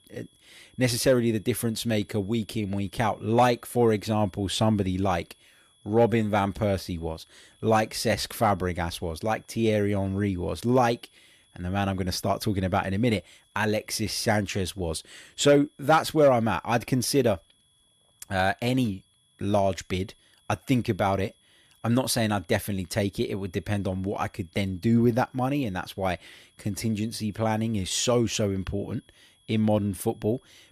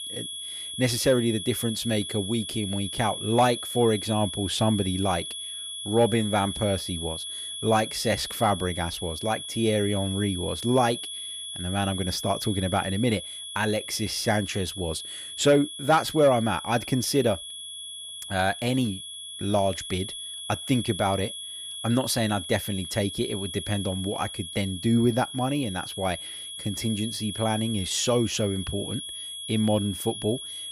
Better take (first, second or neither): first